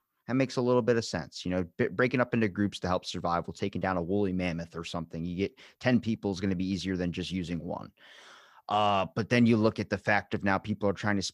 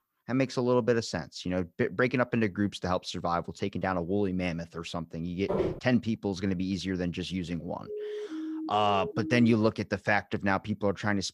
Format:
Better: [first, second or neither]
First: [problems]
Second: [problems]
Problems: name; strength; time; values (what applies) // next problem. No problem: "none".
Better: first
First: none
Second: footsteps; noticeable; at 5.5 s; peak 1 dB below the speech // siren; noticeable; from 8 to 9.5 s; peak 7 dB below the speech